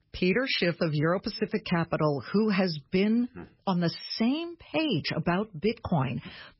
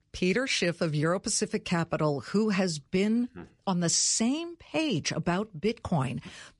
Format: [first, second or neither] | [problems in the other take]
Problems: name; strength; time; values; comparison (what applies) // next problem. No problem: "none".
second | garbled, watery; badly; nothing above 5.5 kHz; slightly in the second